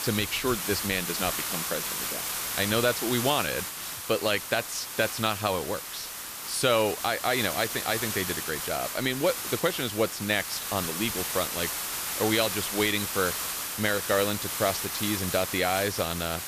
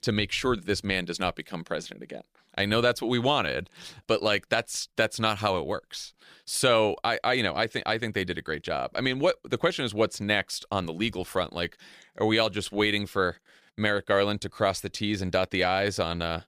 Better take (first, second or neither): second